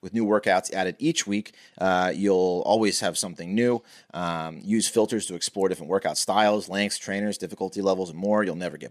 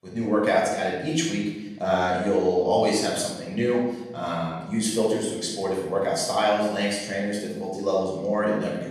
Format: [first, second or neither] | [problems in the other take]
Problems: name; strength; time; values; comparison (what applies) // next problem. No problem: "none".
first | off-mic speech; far // room echo; noticeable; dies away in 1 s